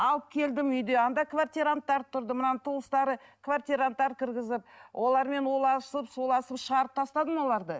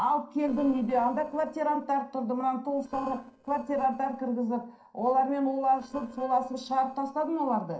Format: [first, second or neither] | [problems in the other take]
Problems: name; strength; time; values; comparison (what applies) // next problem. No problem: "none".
first | noise reduction (neural separator model SepFormer DNS4)